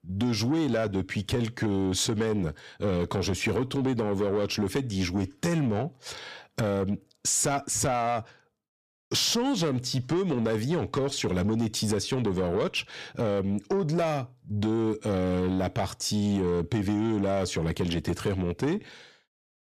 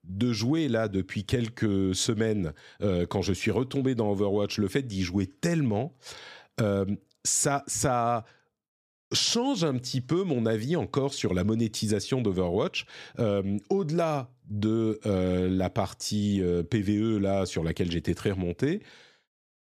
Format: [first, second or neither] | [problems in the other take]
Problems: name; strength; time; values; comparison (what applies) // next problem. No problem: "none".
second | distortion; slight; 10 dB below the speech